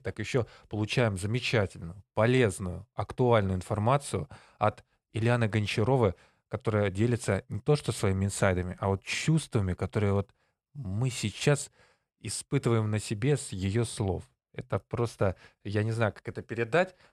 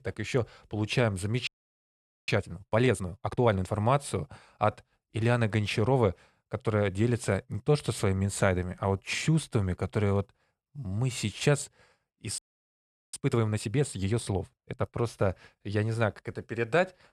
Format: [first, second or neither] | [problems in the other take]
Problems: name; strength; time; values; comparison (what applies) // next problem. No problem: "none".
first | audio freezing; at 1.5 s for 1 s and at 12 s for 1 s